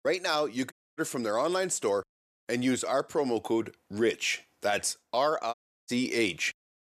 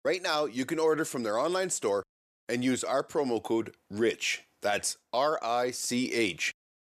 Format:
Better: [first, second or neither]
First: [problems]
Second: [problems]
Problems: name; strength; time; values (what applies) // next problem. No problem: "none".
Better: second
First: audio cutting out; at 0.5 s and at 5.5 s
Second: none